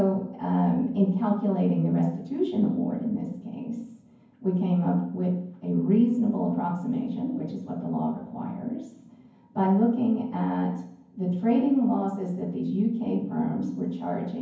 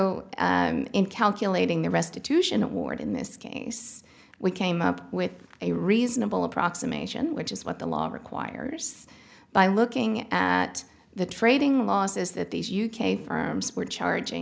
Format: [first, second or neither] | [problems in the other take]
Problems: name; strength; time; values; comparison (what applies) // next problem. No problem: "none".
second | room echo; dies away in 0.9 s